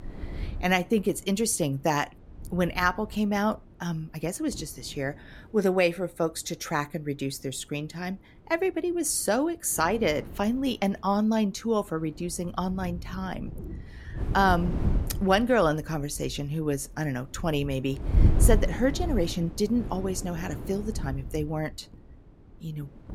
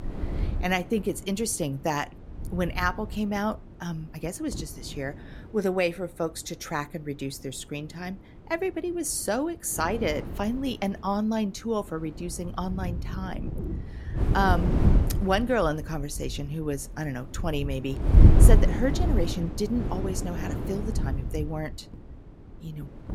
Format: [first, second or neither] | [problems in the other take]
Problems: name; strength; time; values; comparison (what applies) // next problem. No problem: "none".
first | wind noise on the microphone; heavy; 8 dB below the speech; occasional gusts in the first